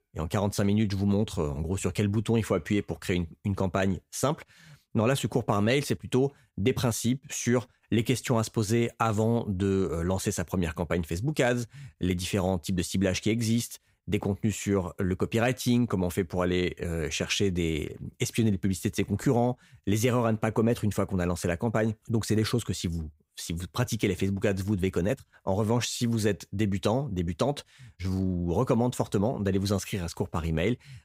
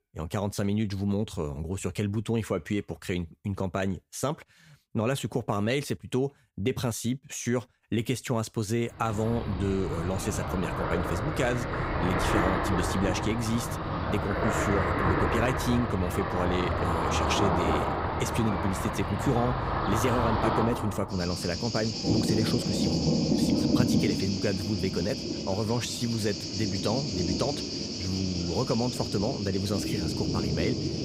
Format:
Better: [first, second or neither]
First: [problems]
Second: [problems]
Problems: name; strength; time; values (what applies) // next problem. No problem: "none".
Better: first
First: none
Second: rain or running water; very loud; from 9 s on; 1 dB above the speech